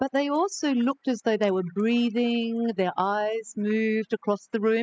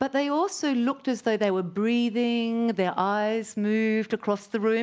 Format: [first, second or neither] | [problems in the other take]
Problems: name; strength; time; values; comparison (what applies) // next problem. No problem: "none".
second | noise reduction (classical method spectral subtraction)